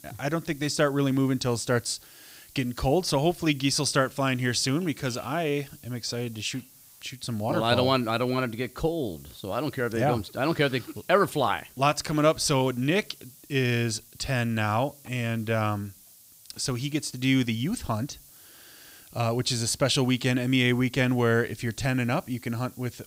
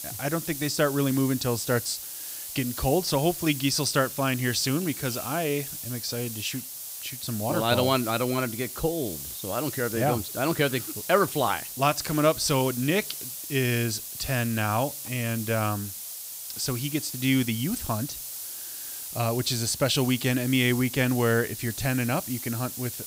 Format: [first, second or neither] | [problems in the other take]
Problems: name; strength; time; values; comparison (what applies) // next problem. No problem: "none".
first | hiss; loud; throughout; 8 dB below the speech; faint in the first